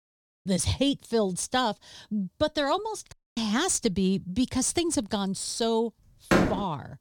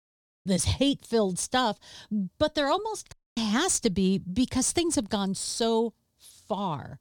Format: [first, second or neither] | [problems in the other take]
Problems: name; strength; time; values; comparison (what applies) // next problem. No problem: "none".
second | door banging; loud; at 6.5 s; peak 4 dB above the speech